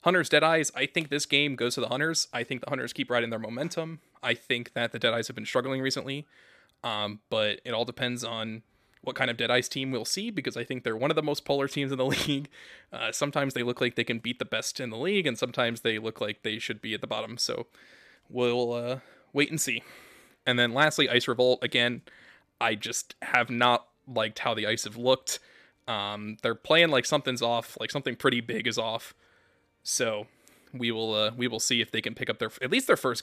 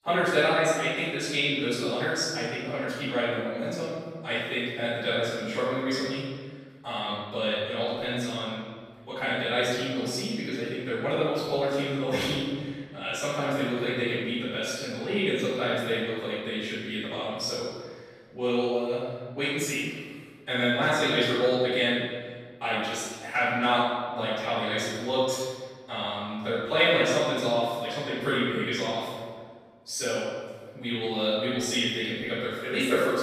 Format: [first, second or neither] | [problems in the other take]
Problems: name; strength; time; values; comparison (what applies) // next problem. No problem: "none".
first | room echo; strong; dies away in 1.4 s // off-mic speech; far